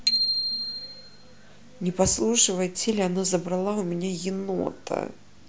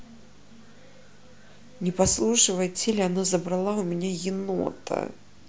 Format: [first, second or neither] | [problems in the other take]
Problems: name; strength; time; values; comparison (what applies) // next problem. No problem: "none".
second | background sound (Bicycle bell); 4 dB below the speech